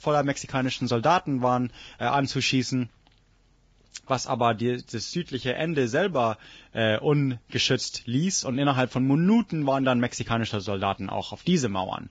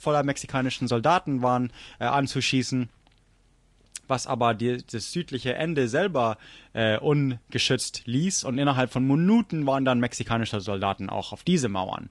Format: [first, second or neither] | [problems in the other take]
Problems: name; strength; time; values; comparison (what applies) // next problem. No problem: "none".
second | garbled, watery; badly; nothing above 7.5 kHz; slightly in the second